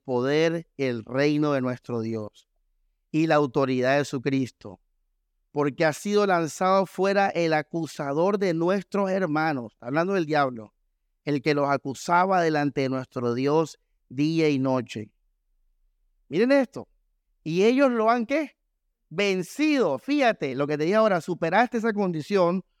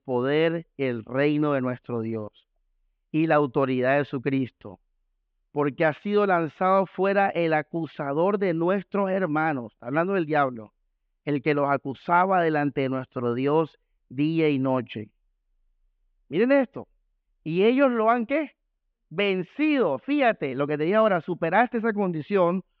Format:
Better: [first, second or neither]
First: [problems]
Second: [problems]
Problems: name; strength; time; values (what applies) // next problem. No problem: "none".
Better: first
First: none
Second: muffled; very; fading above 3 kHz